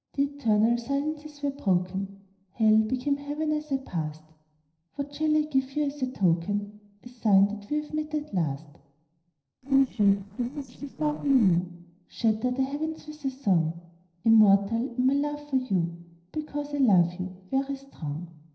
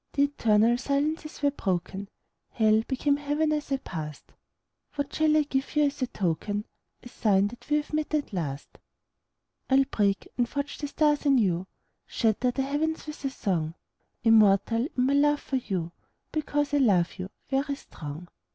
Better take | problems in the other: second | noise reduction (neural separator model SepFormer DNS4)

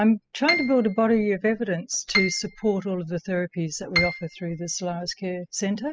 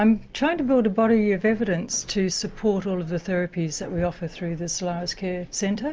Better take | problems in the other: second | noise reduction (classical method spectral subtraction)

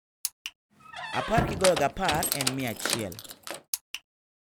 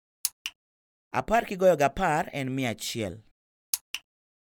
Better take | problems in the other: second | background sound (Squeak); 1 dB below the speech

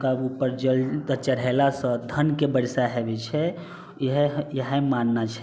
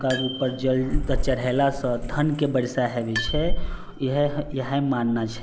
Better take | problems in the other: first | background sound (Bicycle bell); 4 dB below the speech

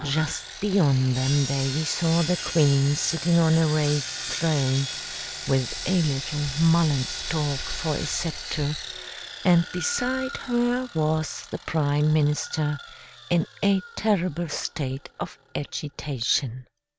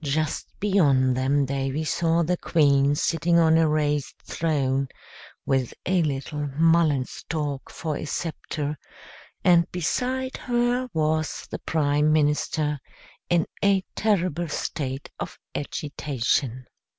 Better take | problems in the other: second | background sound (Sawing); 10 dB below the speech

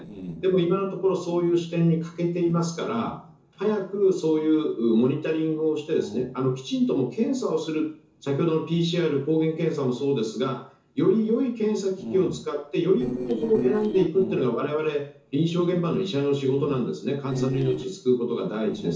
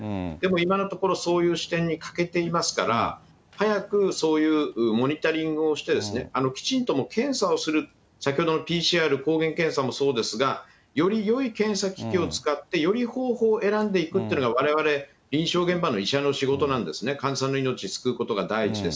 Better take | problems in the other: second | noise reduction (neural separator model SepFormer DNS4)

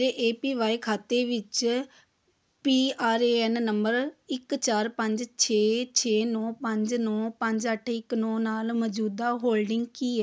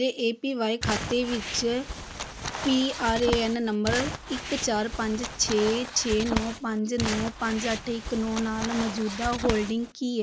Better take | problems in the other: first | background sound (Crumpling, crinkling); 6 dB below the speech

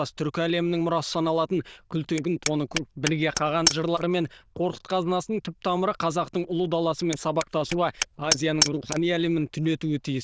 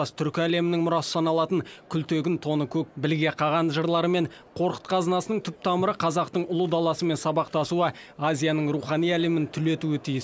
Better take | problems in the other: second | noise reduction (neural diffusion model UNIVERSE++)

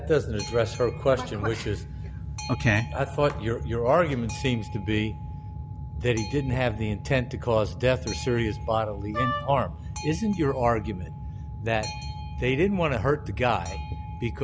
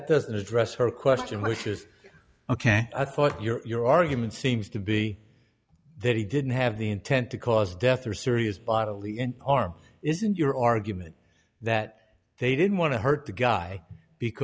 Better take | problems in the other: second | background sound (Wind instrument, woodwind instrument + Boat, Water vehicle); 8 dB below the speech

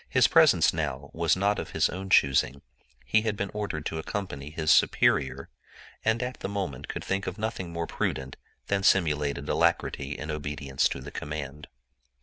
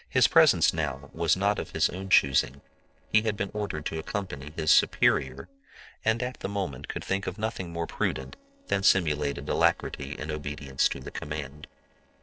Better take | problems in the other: first | noise reduction (neural separator model SepFormer DNS4)

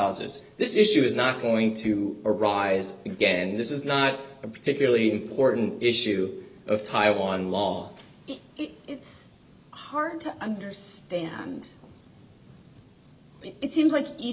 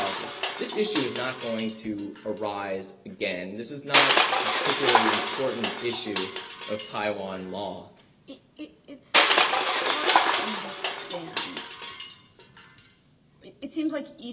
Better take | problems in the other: first | background sound (Crushing); 5 dB above the speech

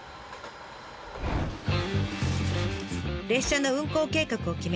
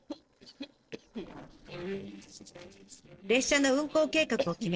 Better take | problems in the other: first | noise reduction (neural separator model SepFormer DNS4)

